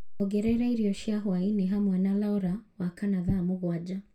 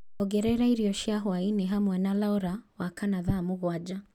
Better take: second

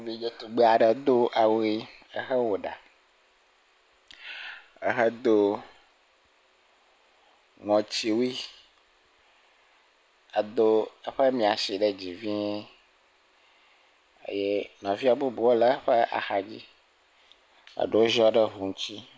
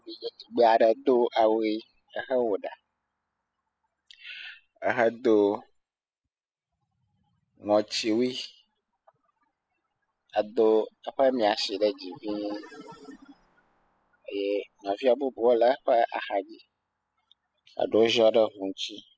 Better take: first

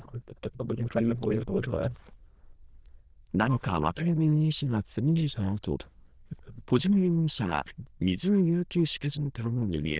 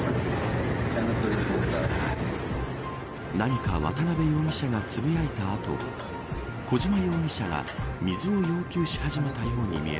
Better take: second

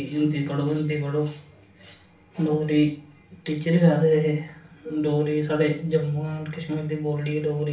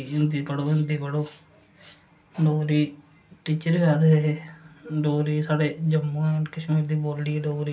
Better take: second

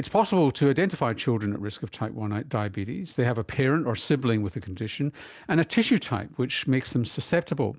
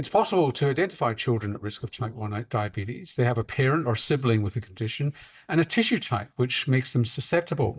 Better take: first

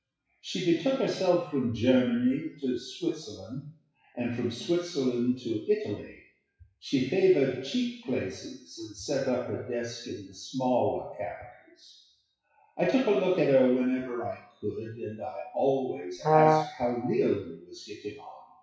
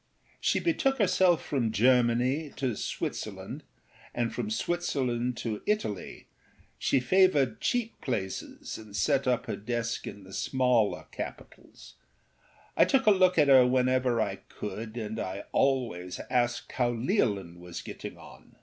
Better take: second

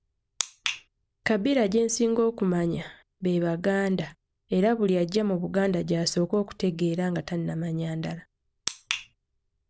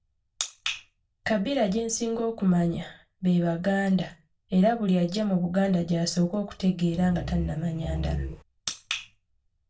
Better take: first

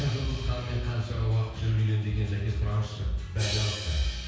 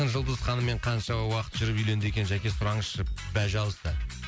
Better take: second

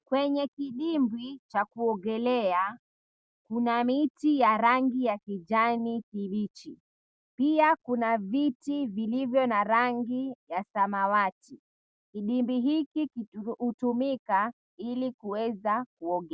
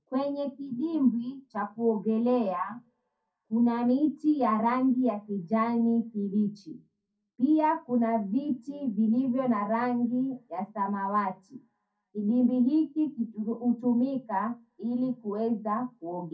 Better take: first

